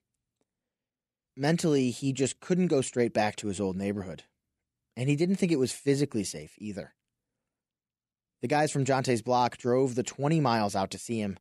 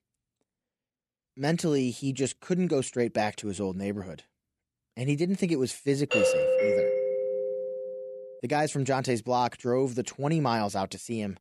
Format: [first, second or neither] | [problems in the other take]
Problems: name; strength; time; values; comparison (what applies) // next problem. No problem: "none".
first | doorbell; loud; from 6 to 8 s; peak 5 dB above the speech